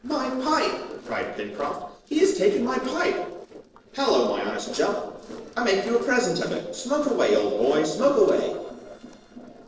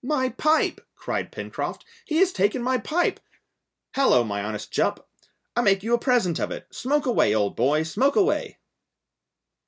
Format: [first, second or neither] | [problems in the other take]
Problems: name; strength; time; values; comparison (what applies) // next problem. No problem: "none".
second | noise reduction (neural separator model SepFormer DNS4)